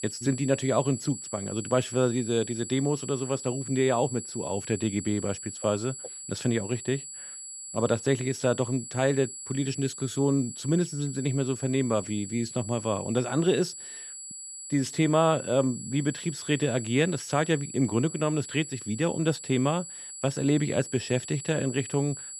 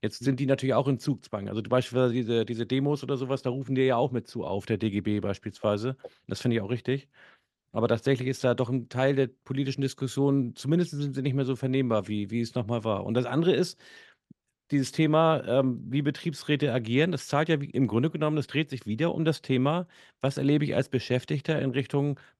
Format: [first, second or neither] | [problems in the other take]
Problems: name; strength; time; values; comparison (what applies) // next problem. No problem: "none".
second | high-pitched whine; loud; throughout; 7.5 kHz, 10 dB below the speech